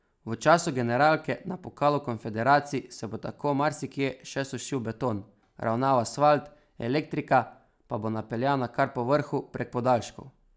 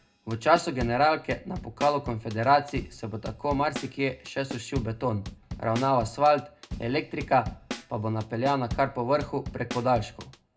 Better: first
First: none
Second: background sound (Drum kit); 13 dB below the speech // room echo; dies away in 0.2 s

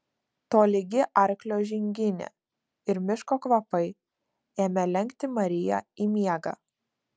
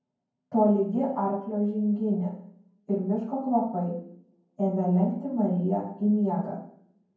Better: first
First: none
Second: room echo; dies away in 0.9 s

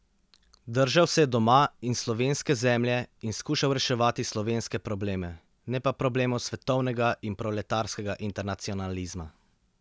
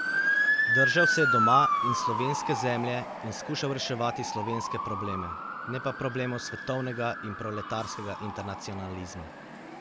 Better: first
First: none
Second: background sound (Motor vehicle (road) / Siren); 2 dB above the speech

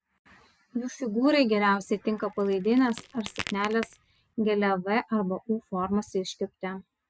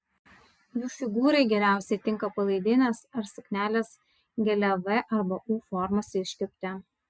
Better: second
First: background sound (Crack); 15 dB below the speech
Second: none

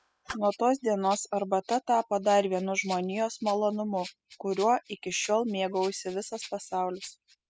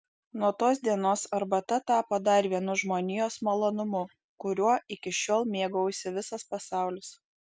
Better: second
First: noise reduction (classical method spectral subtraction)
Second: none

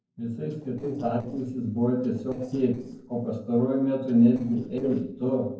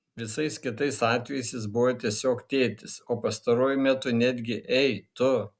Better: second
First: noise reduction (neural separator model SepFormer DNS4)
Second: none

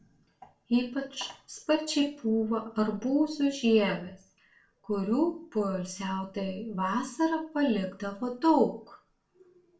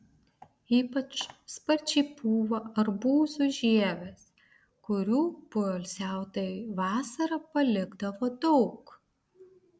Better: second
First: room echo; dies away in 0.3 s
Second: none

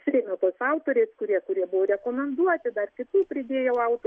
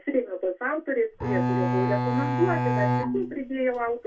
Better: first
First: none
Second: background sound (Bowed string instrument); 1 dB above the speech // room echo; dies away in 0.2 s

